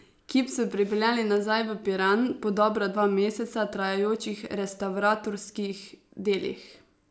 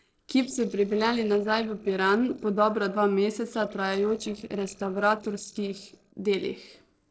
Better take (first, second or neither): first